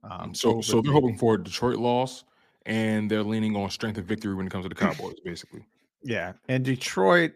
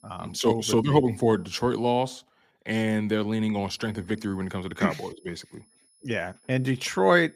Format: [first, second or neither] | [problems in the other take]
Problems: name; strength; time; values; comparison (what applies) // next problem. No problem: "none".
first | high-pitched whine; faint; until 2 s and from 3.5 s on; 10.5 kHz, 35 dB below the speech